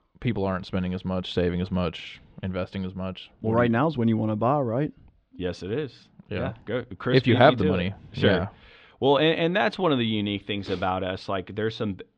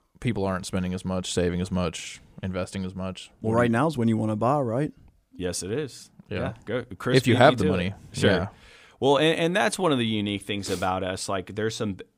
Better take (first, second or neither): second